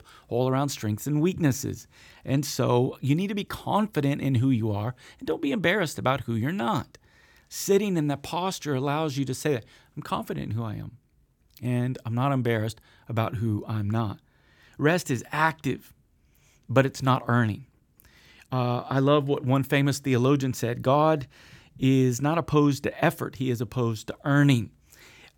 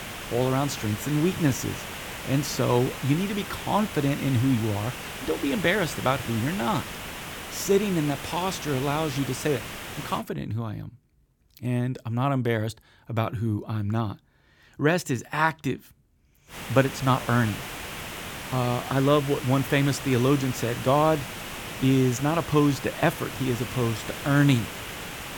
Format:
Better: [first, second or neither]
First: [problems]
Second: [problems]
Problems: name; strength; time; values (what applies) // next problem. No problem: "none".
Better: first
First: none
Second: hiss; loud; until 10 s and from 17 s on; 9 dB below the speech